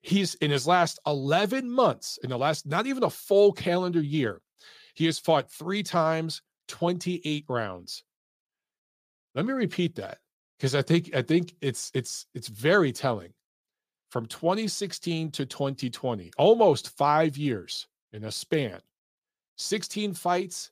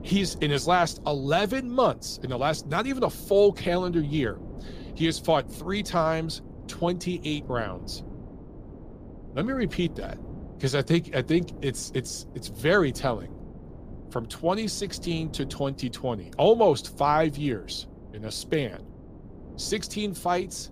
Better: first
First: none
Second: wind noise on the microphone; occasional gusts; 20 dB below the speech

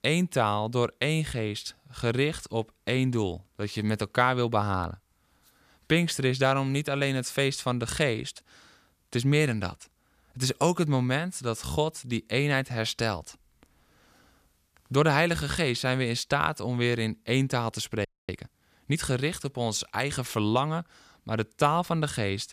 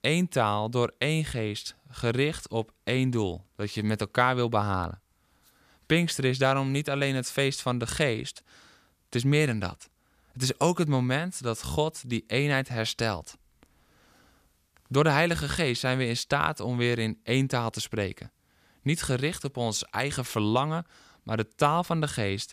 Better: second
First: audio freezing; at 18 s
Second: none

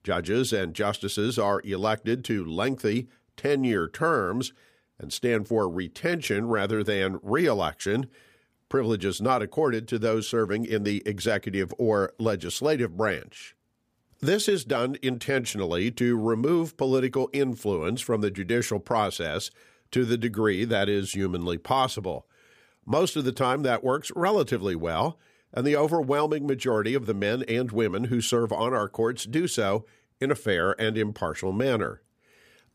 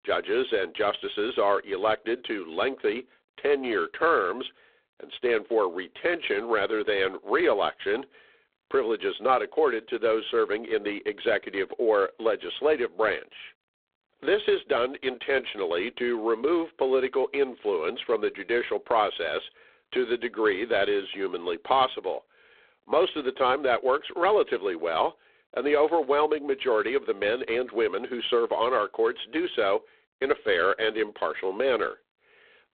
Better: first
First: none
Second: phone-call audio; poor line

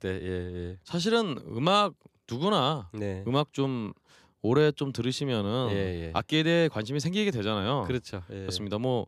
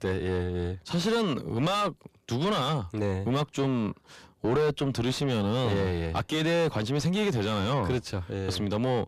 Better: first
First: none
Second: distortion; heavy; 5 dB below the speech

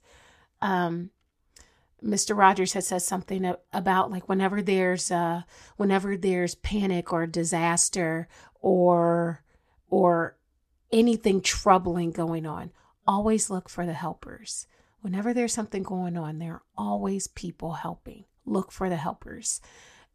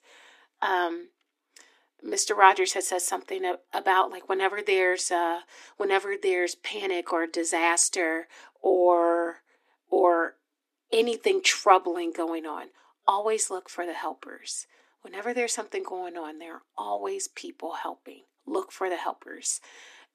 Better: first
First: none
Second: thin; very; fading below 250 Hz

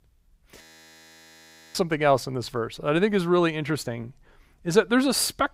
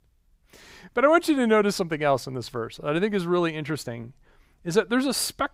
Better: second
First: audio freezing; at 0.5 s for 1 s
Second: none

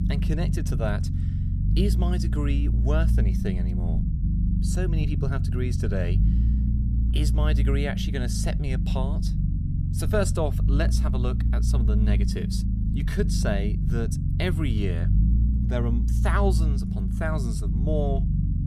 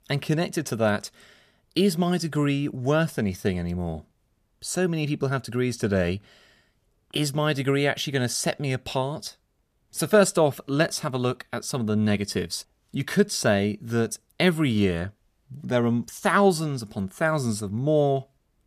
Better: second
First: low rumble; loud; throughout; 6 dB below the speech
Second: none

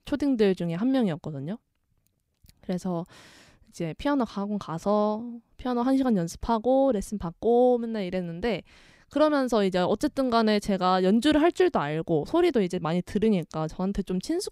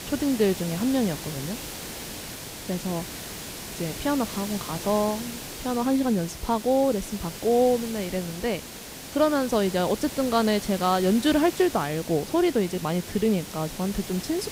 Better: first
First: none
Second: hiss; noticeable; throughout; 10 dB below the speech

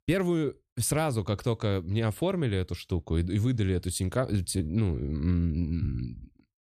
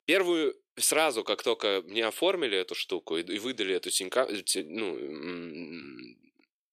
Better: first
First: none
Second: thin; very; fading below 350 Hz

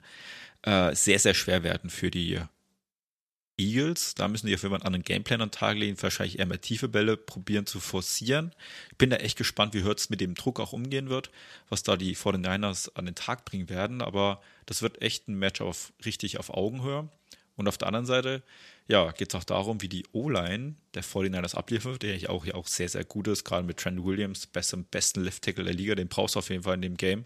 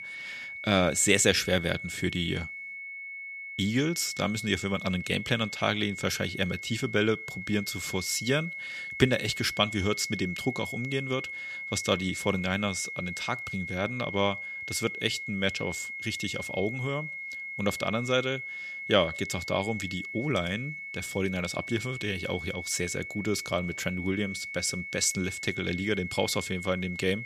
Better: first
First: none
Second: high-pitched whine; loud; throughout; 2 kHz, 7 dB below the speech

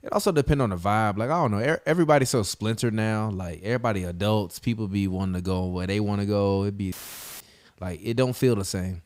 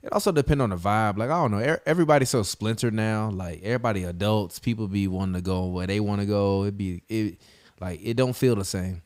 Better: second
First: audio cutting out; filled with static; at 7 s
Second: none

